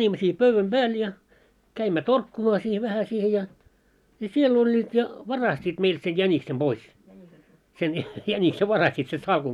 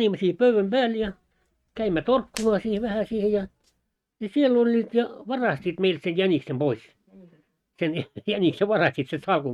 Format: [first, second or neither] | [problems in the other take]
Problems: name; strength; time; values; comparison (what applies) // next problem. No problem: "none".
first | noise reduction (neural mask model RNNoise)